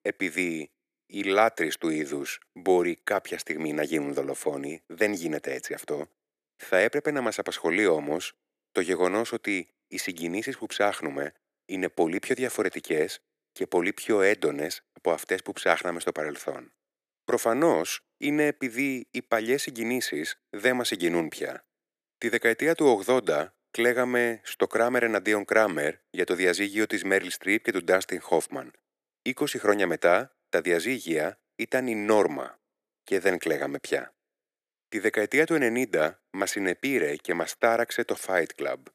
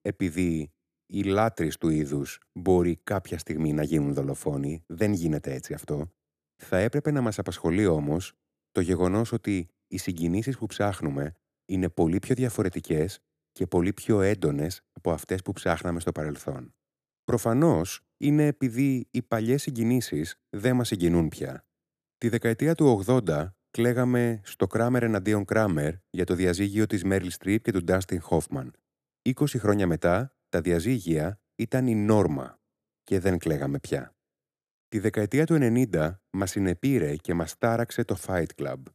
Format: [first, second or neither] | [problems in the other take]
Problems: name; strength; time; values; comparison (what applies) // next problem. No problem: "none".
second | thin; somewhat; fading below 450 Hz